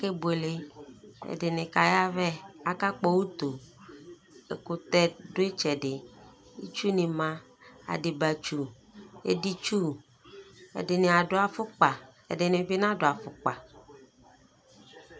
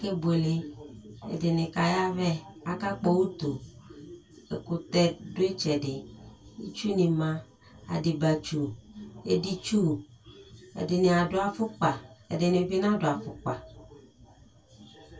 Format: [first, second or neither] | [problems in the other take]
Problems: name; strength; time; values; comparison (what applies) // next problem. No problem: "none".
first | room echo; dies away in 0.1 s